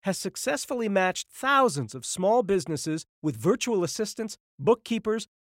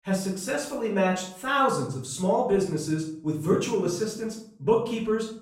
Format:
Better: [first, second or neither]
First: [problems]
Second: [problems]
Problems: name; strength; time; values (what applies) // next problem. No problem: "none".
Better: first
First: none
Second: off-mic speech; far // room echo; noticeable; dies away in 0.6 s